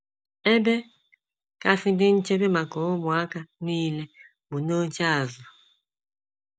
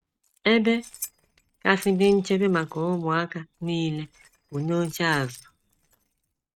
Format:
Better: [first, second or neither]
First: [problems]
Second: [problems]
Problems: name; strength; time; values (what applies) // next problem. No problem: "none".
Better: first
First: none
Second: noise reduction (neural mask model RNNoise)